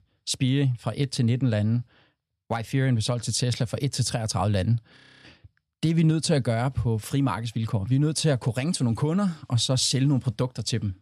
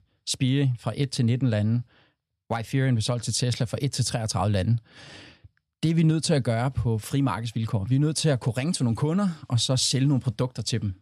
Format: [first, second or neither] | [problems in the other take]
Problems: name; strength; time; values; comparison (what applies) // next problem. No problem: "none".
second | audio freezing; at 5 s